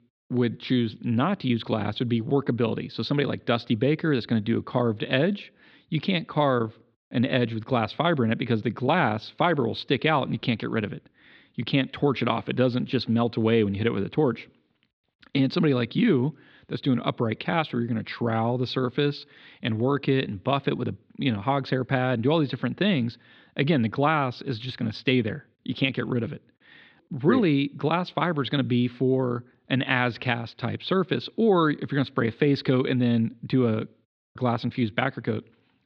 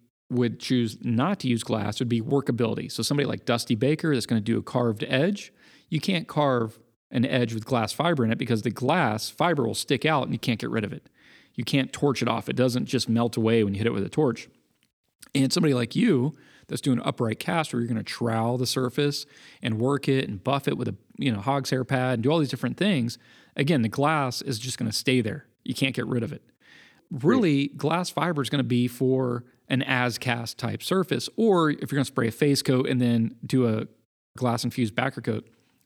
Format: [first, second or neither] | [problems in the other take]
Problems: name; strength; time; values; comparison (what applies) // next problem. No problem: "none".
second | muffled; slightly; fading above 4 kHz